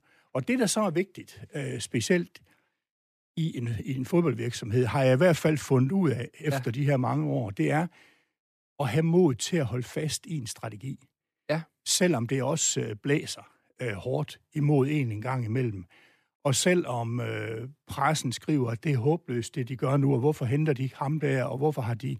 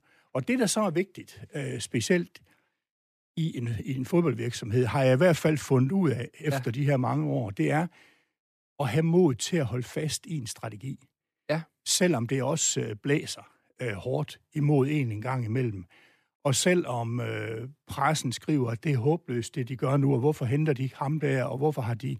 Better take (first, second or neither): neither